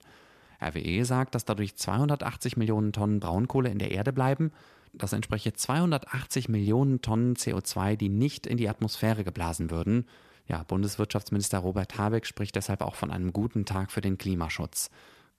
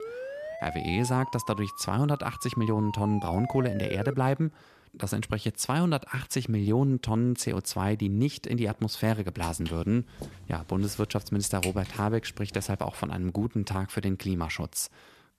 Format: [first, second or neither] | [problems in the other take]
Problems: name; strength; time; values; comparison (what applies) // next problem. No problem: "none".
first | siren; noticeable; until 4 s; peak 8 dB below the speech // footsteps; noticeable; from 9.5 to 12 s; peak 6 dB below the speech